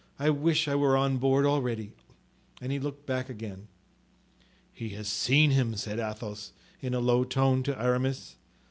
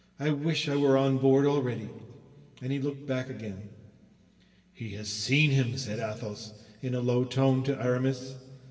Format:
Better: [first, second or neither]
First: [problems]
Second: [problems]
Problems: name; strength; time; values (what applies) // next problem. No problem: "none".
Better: first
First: none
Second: room echo; dies away in 2.6 s